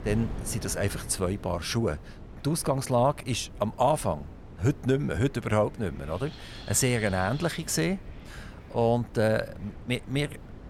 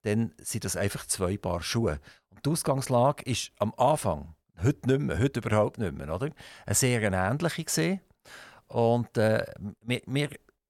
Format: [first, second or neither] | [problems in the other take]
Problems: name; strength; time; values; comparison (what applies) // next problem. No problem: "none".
second | wind noise on the microphone; occasional gusts; 20 dB below the speech